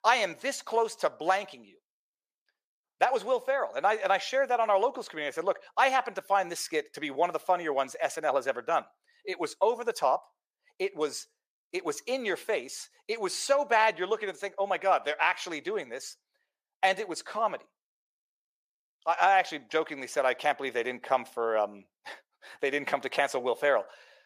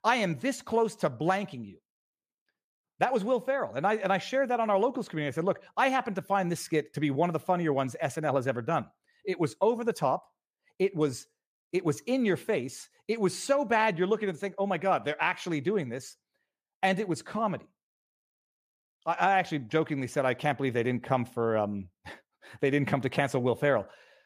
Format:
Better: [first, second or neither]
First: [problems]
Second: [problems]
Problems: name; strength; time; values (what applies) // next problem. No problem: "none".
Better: second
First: thin; very; fading below 600 Hz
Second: none